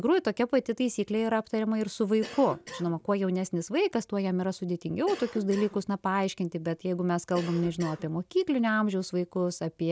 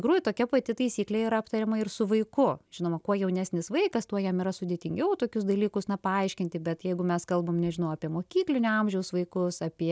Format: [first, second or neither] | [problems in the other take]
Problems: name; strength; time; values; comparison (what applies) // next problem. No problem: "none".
second | background sound (Cough); 15 dB below the speech